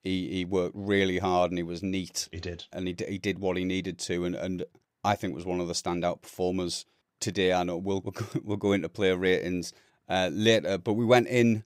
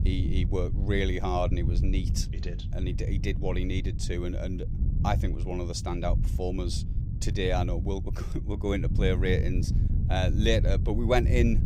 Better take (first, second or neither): first